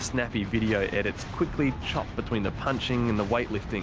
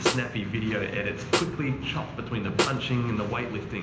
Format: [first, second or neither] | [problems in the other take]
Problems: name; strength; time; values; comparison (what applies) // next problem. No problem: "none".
first | background sound (Snare drum); 4 dB below the speech // room echo; dies away in 0.9 s